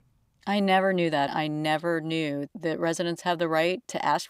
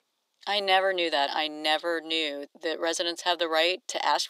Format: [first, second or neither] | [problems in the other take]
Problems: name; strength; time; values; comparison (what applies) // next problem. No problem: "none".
first | thin; very; fading below 350 Hz